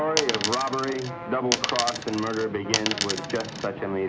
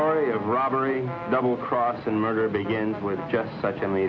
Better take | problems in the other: second | background sound (Coin (dropping)); 2 dB below the speech

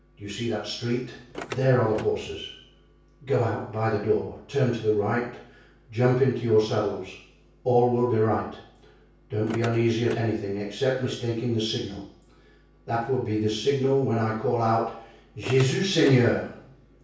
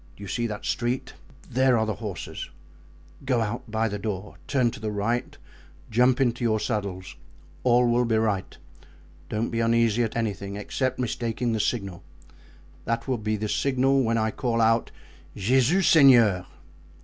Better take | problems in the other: second | background sound (Car); 14 dB below the speech // room echo; dies away in 0.6 s

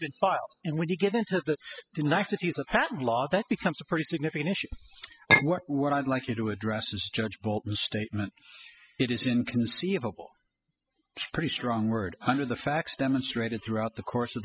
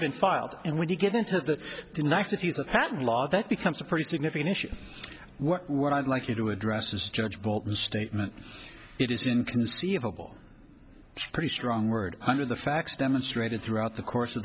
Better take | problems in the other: second | noise reduction (classical method spectral subtraction)

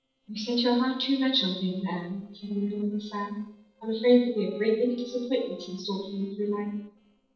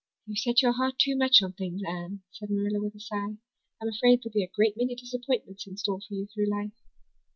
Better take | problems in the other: second | noise reduction (neural separator model SepFormer DNS4)

